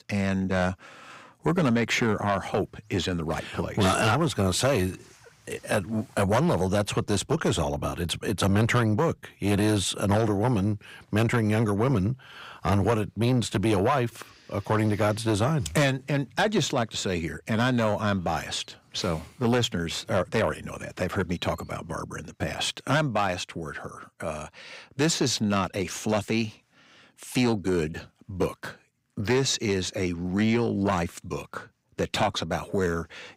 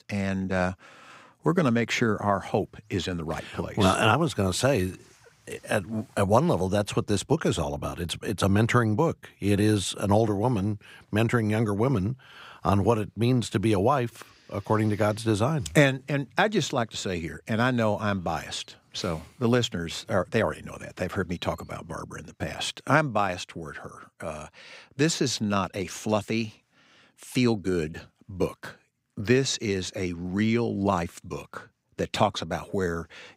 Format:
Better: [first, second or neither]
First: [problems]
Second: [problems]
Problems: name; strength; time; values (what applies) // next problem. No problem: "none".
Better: second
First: distortion; slight; 10 dB below the speech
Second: none